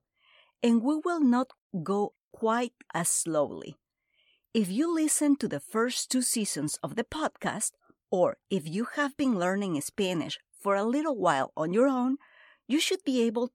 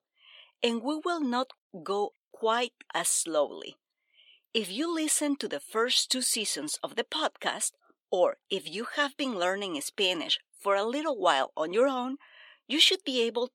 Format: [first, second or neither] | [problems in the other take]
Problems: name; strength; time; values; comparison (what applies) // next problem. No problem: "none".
first | thin; somewhat; fading below 450 Hz